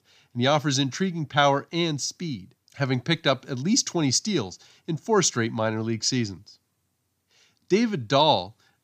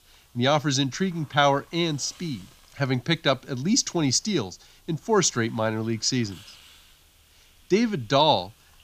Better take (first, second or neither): first